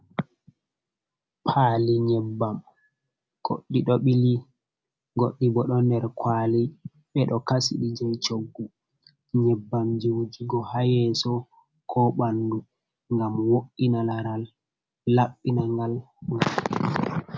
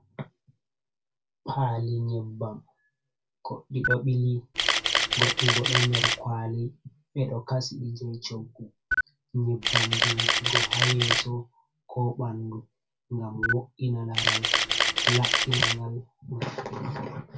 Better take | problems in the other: first | background sound (Camera); 5 dB above the speech // room echo; dies away in 0.2 s

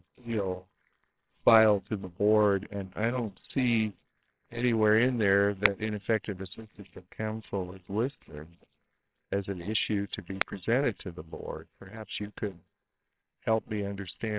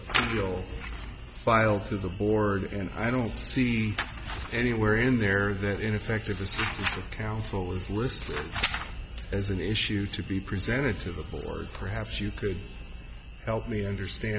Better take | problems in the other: second | noise reduction (neural separator model SepFormer WHAMR!)

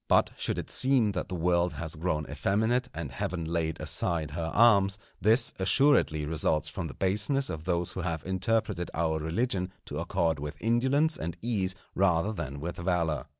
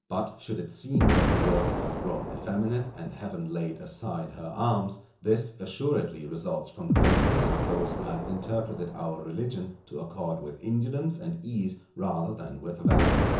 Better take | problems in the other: first | background sound (Explosion); 1 dB above the speech // room echo; dies away in 0.6 s

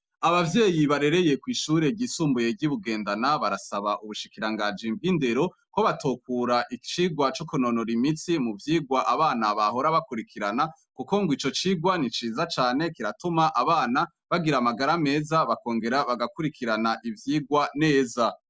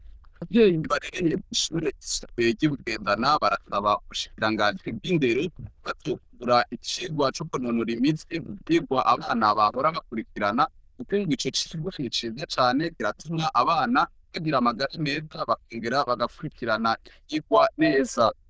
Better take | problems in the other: first | noise reduction (neural diffusion model UNIVERSE++)

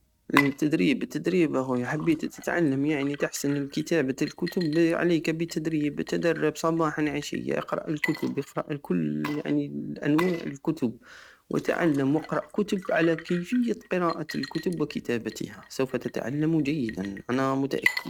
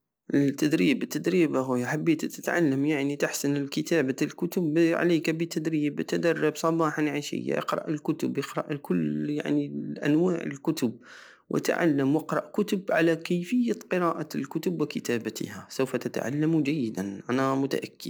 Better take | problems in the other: second | noise reduction (neural mask model RNNoise)

